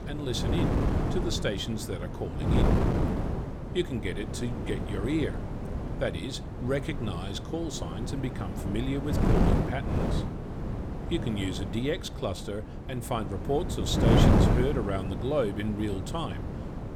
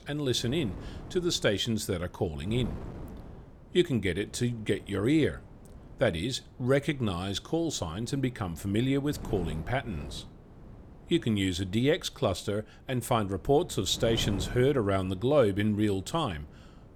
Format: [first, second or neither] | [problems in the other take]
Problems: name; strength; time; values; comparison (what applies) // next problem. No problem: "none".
second | wind noise on the microphone; heavy; 1 dB below the speech; occasional gusts in the second